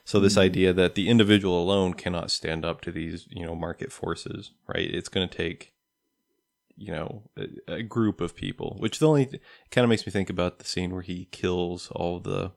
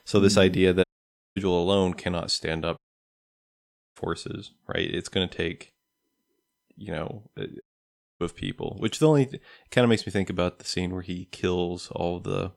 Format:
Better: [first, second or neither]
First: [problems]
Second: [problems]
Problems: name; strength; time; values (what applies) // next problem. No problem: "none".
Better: first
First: none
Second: audio cutting out; at 1 s for 0.5 s, at 3 s for 1 s and at 7.5 s for 0.5 s